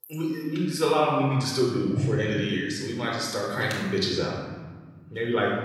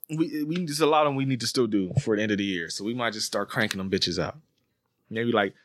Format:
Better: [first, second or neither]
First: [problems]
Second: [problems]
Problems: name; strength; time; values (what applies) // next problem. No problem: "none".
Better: second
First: off-mic speech; far // room echo; noticeable; dies away in 1.4 s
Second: none